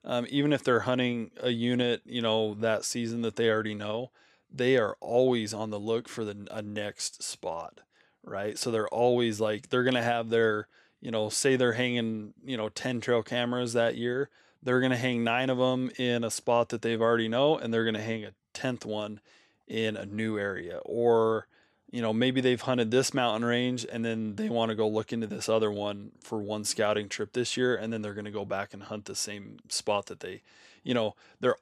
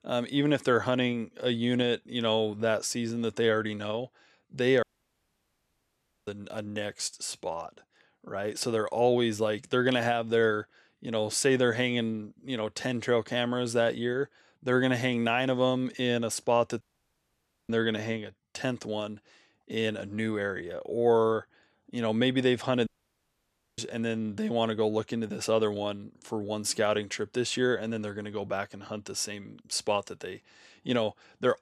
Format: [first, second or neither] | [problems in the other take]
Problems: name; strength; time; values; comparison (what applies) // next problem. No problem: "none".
first | audio cutting out; at 5 s for 1.5 s, at 17 s for 1 s and at 23 s for 1 s